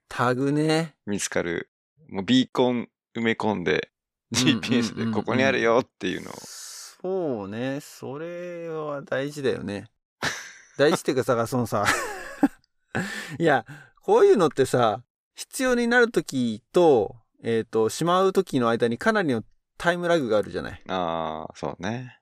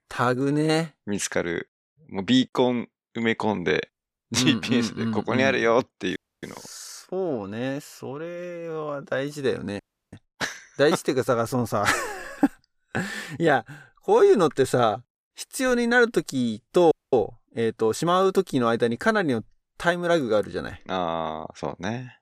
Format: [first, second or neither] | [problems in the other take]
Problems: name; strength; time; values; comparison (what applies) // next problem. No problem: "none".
first | audio freezing; at 6 s, at 10 s and at 17 s